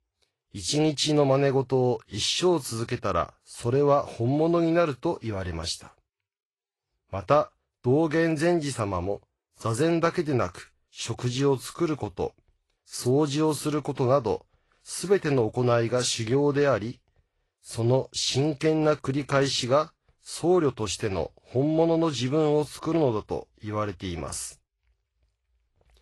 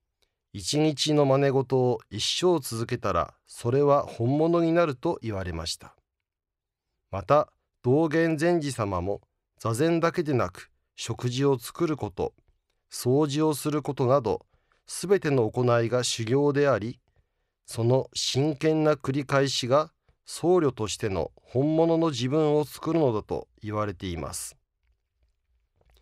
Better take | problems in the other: second | garbled, watery; slightly; nothing above 11.5 kHz

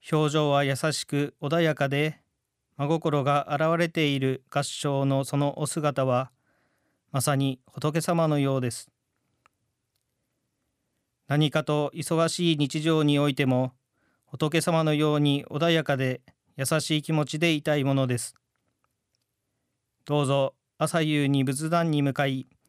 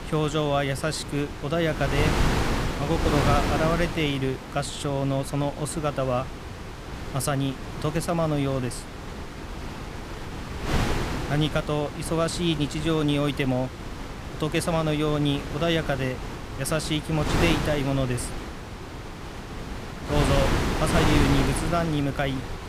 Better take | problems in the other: first | wind noise on the microphone; heavy; 5 dB below the speech

